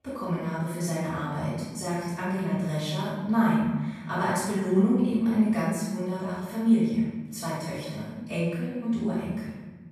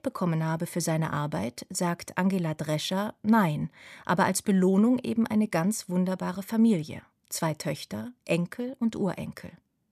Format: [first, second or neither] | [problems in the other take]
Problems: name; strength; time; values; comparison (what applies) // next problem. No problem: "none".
second | room echo; strong; dies away in 1.2 s // off-mic speech; far